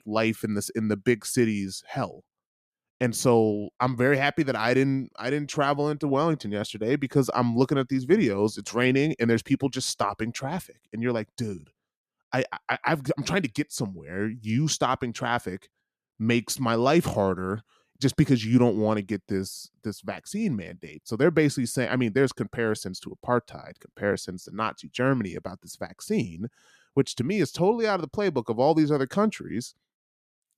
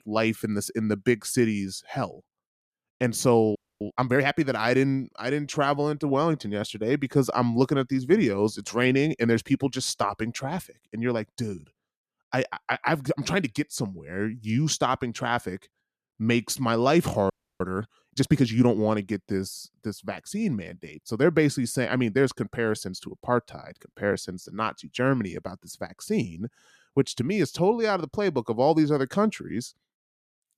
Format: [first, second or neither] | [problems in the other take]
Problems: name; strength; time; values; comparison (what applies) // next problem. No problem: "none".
first | audio freezing; at 3.5 s and at 17 s